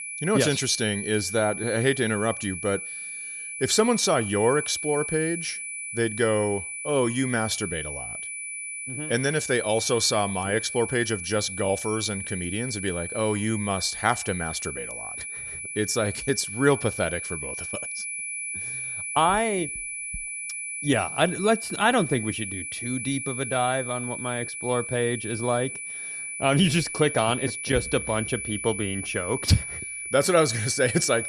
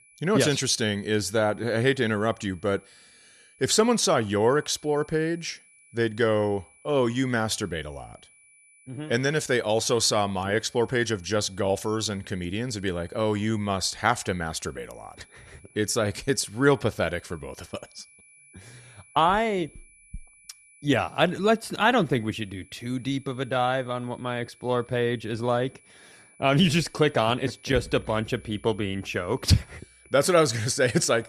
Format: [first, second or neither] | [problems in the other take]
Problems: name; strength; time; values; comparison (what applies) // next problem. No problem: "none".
second | high-pitched whine; loud; throughout; 2.5 kHz, 6 dB below the speech; faint in the second